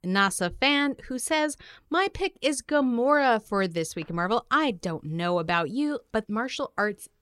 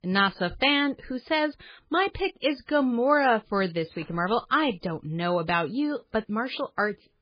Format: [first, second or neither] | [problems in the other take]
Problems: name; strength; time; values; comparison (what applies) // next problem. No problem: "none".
first | garbled, watery; badly; nothing above 4.5 kHz